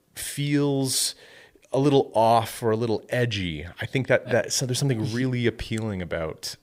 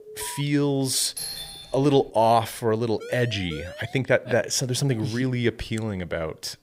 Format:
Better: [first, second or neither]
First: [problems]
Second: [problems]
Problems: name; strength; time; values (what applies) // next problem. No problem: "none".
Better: first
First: none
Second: alarm; faint; at the start; peak 15 dB below the speech // doorbell; noticeable; at 1 s; peak 6 dB below the speech // siren; faint; from 3 to 4 s; peak 15 dB below the speech